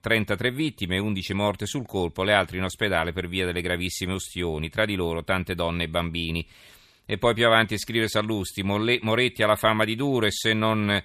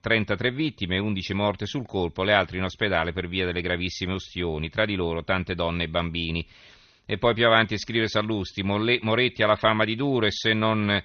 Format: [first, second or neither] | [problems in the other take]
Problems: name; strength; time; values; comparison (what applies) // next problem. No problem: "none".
first | garbled, watery; slightly; nothing above 6.5 kHz